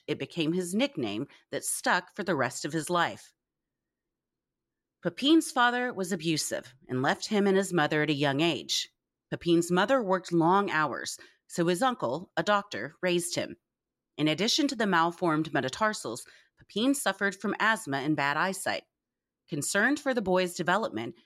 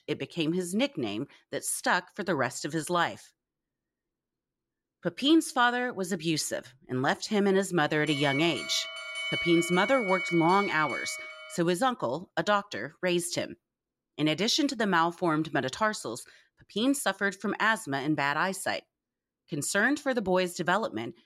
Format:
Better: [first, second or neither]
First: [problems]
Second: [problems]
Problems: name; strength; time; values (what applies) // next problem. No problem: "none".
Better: first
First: none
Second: alarm; noticeable; from 8 to 12 s; peak 2 dB below the speech